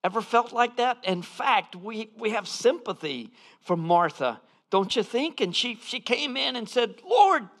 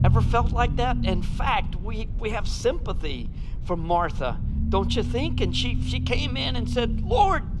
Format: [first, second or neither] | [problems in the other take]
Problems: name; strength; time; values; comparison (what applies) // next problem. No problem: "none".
first | low rumble; noticeable; throughout; 15 dB below the speech